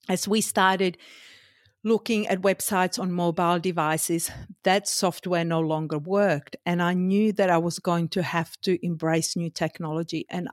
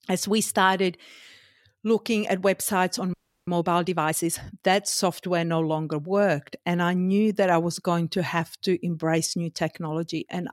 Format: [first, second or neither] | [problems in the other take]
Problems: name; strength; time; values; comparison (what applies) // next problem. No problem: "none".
first | audio freezing; at 3 s